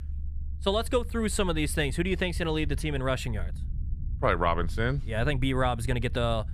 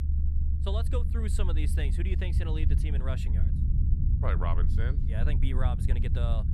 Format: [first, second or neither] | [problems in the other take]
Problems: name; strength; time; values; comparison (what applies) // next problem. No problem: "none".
first | low rumble; loud; throughout; 5 dB below the speech; faint in the first